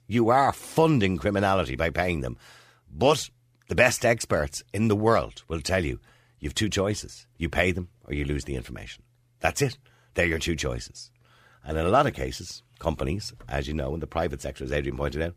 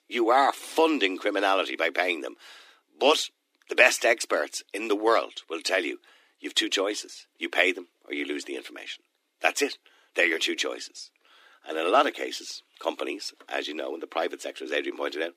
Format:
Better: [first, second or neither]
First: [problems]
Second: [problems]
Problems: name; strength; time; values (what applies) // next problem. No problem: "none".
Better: first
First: none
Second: thin; somewhat; fading below 250 Hz